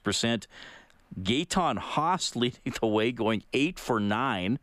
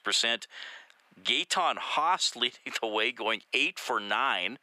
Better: first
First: none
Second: thin; very; fading below 550 Hz

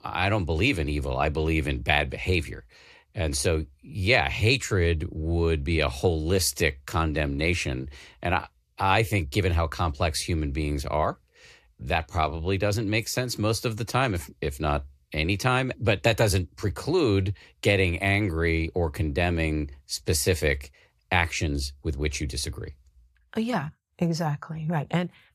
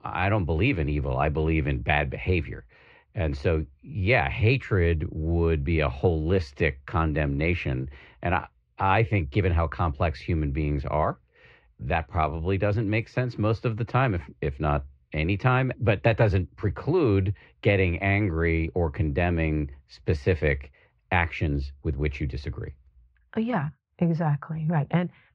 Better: first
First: none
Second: muffled; very; fading above 2.5 kHz

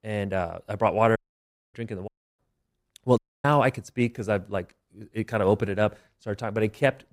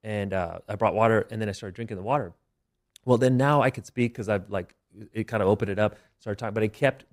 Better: second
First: audio cutting out; at 1 s for 0.5 s, at 2 s and at 3 s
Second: none

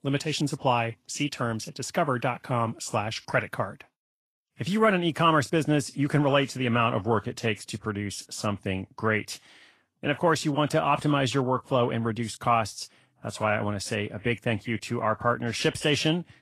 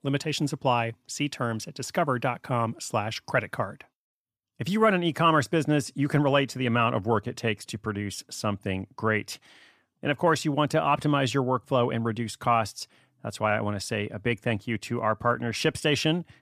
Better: second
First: garbled, watery; slightly; nothing above 12.5 kHz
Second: none

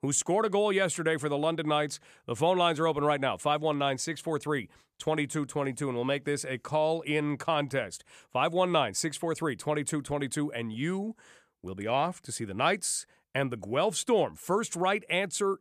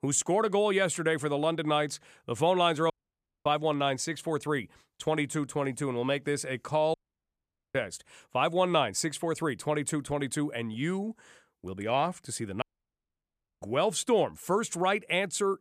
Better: first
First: none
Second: audio cutting out; at 3 s for 0.5 s, at 7 s for 1 s and at 13 s for 1 s

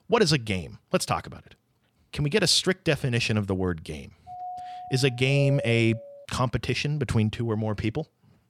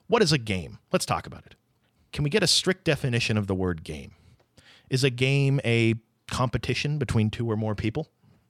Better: second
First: doorbell; noticeable; from 4.5 to 6.5 s; peak 5 dB below the speech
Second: none

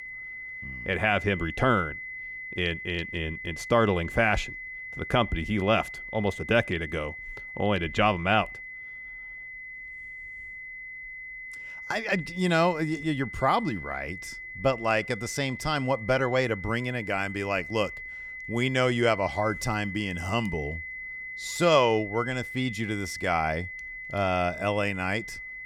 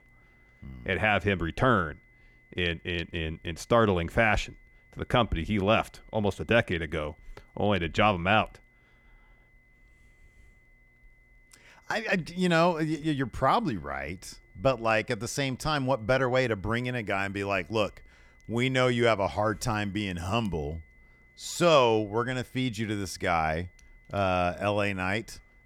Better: second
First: high-pitched whine; loud; throughout; 2 kHz, 10 dB below the speech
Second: high-pitched whine; faint; throughout; 2 kHz, 35 dB below the speech

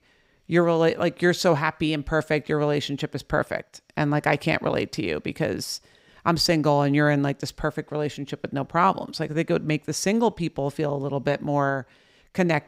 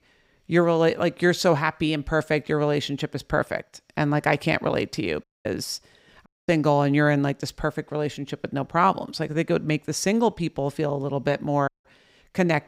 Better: first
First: none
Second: audio cutting out; at 5 s, at 6.5 s and at 12 s

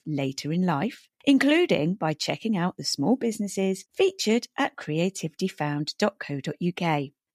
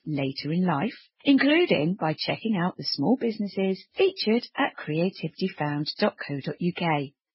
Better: first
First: none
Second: garbled, watery; badly; nothing above 5.5 kHz

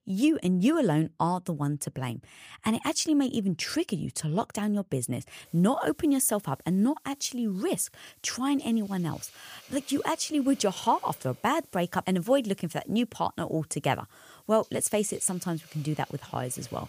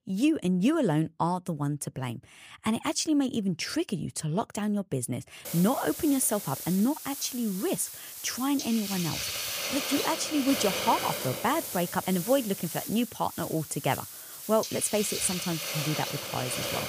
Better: first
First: hiss; faint; from 5.5 s on; 25 dB below the speech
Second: hiss; loud; from 5.5 s on; 5 dB below the speech

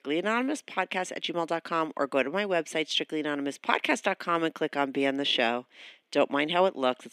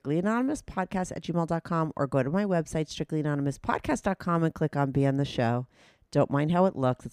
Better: second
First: thin; somewhat; fading below 250 Hz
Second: none

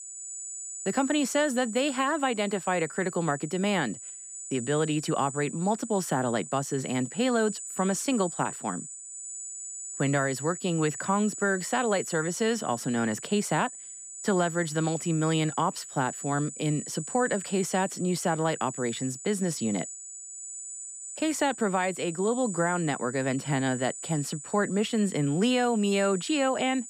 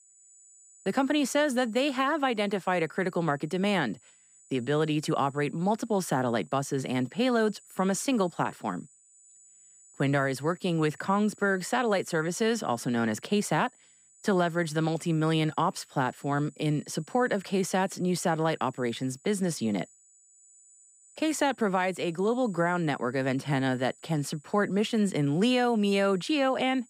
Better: second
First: high-pitched whine; loud; throughout; 8 kHz, 9 dB below the speech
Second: high-pitched whine; faint; throughout; 8 kHz, 25 dB below the speech

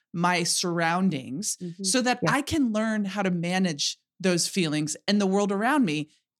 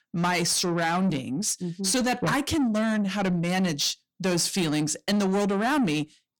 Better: first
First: none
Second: distortion; slight; 10 dB below the speech

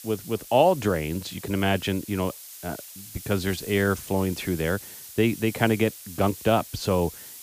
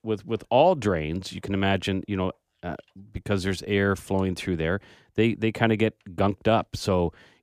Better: second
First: hiss; noticeable; throughout; 15 dB below the speech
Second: none

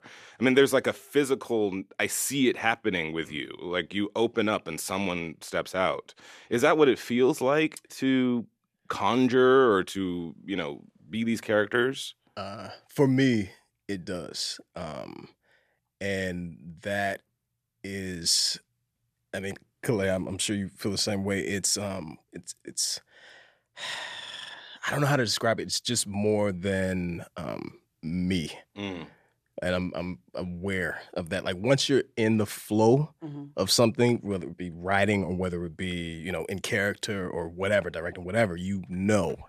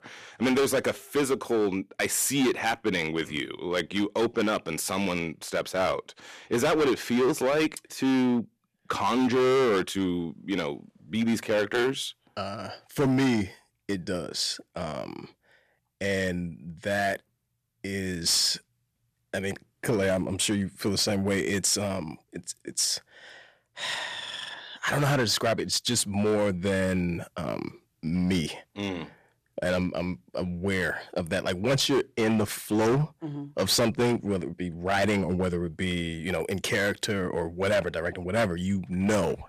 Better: first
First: none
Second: distortion; heavy; 8% of the sound clipped

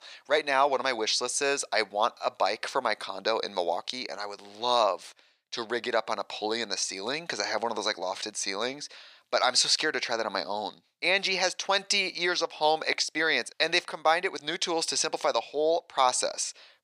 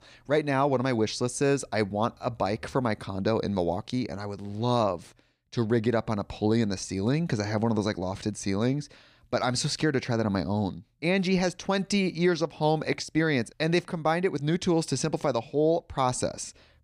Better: second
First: thin; very; fading below 700 Hz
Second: none

